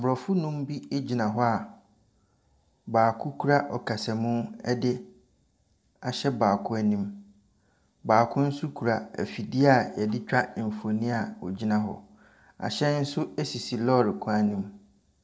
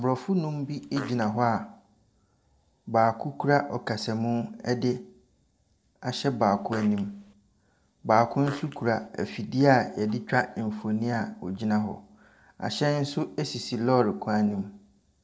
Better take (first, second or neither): first